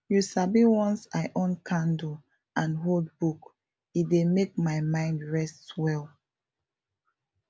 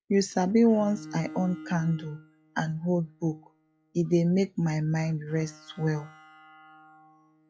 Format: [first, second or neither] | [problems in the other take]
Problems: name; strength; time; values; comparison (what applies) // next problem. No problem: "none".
first | noise reduction (classical method log-MMSE)